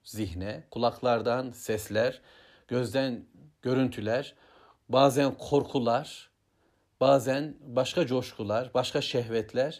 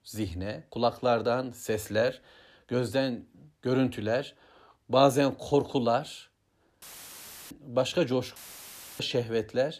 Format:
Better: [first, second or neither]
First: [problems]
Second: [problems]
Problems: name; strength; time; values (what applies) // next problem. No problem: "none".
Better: first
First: none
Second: audio cutting out; filled with static; at 7 s for 0.5 s and at 8.5 s for 0.5 s